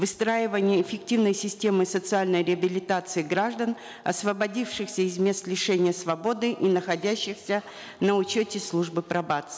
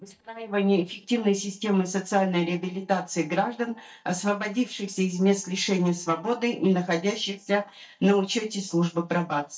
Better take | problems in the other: first | noise reduction (neural mask model DeepFilterNet 3)

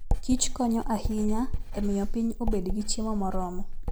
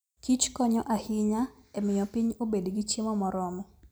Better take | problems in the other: second | background sound (Writing); 1 dB above the speech

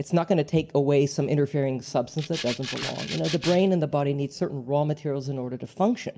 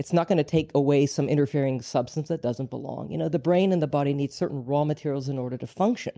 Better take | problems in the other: second | background sound (Rattle (instrument)); 10 dB below the speech // room echo; dies away in 0.3 s

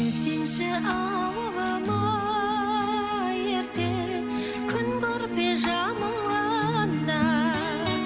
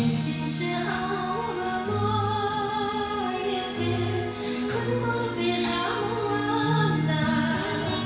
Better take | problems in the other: first | background sound (Mechanisms); 20 dB below the speech // room echo; dies away in 1.1 s

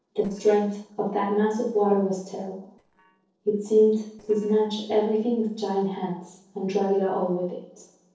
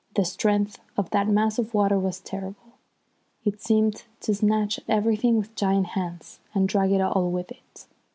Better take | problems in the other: second | noise reduction (neural separator model SepFormer DNS4)

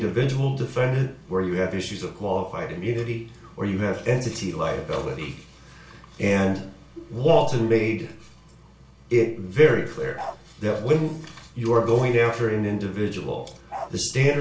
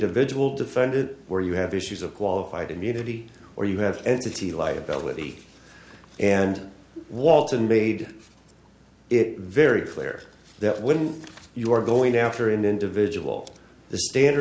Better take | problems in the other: second | background sound (Bark); 12 dB below the speech // room echo; dies away in 0.2 s

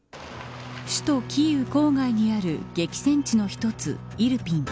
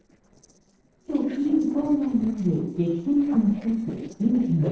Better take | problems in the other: first | noise reduction (neural separator model SepFormer DNS4)

